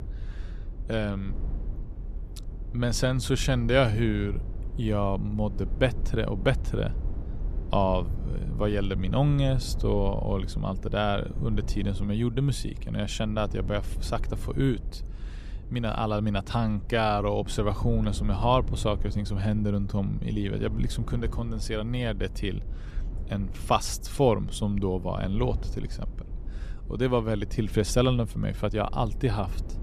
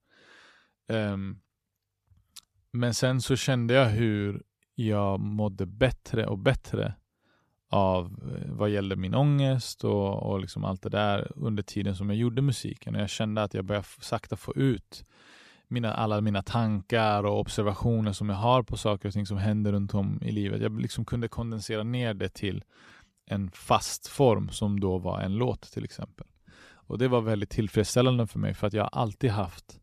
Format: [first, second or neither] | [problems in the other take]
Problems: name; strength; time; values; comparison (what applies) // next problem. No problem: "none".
second | low rumble; noticeable; throughout; 20 dB below the speech